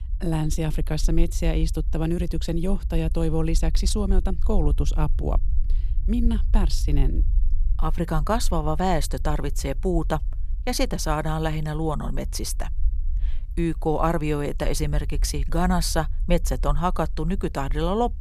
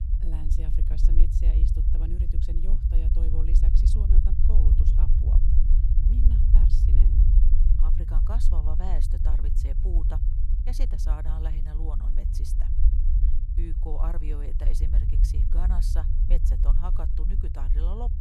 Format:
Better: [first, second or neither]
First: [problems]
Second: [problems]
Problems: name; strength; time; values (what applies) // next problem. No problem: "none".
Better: first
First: low rumble; faint; throughout; 25 dB below the speech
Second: low rumble; loud; throughout; as loud as the speech